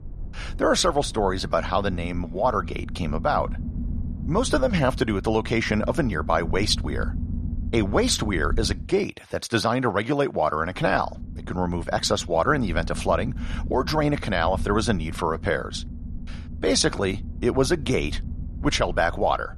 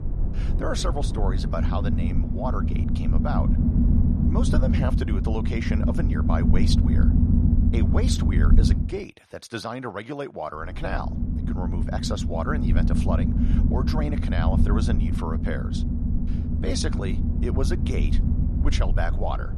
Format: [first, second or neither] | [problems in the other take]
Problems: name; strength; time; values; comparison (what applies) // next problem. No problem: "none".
first | low rumble; loud; until 9 s and from 11 s on; 2 dB below the speech; faint in the first